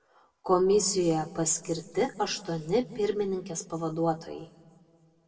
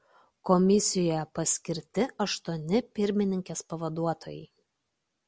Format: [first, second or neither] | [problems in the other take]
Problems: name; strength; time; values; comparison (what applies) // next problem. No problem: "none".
second | room echo; dies away in 1.3 s